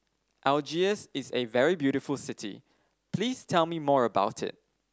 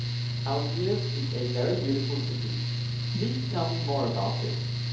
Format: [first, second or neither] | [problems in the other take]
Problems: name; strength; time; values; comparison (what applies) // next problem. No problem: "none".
first | background sound (Mechanical fan); 3 dB above the speech // room echo; dies away in 2.2 s